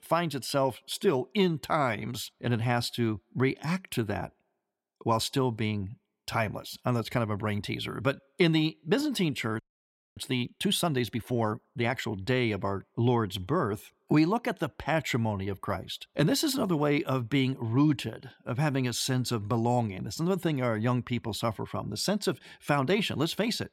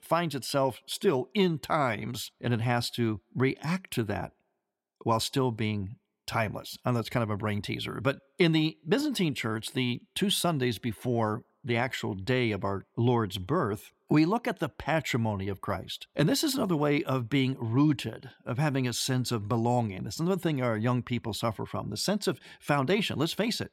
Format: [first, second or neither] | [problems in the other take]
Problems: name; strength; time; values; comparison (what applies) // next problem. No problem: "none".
second | audio freezing; at 9.5 s for 0.5 s